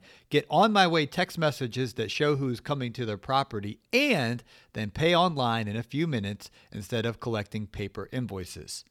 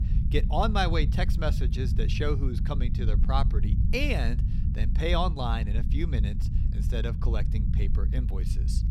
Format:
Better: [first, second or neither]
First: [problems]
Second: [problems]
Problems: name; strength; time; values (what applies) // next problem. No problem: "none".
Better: first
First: none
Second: low rumble; noticeable; throughout; 10 dB below the speech